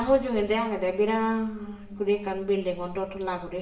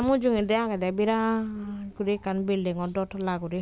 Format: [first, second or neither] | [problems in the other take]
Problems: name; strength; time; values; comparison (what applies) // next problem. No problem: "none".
second | room echo; dies away in 0.7 s